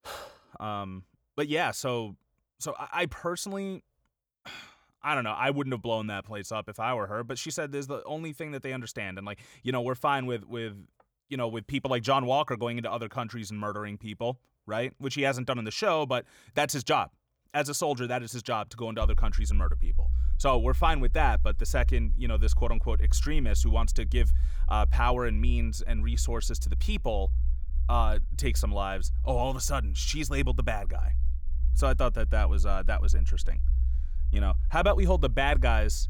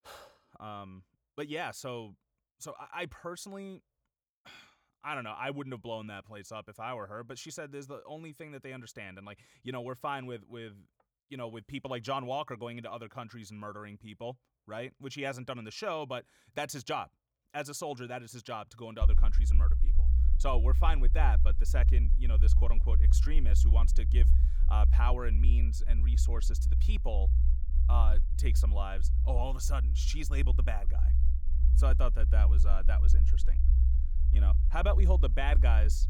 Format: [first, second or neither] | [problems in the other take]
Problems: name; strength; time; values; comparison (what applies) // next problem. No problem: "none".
first | low rumble; loud; from 19 s on; 10 dB below the speech; faint in the first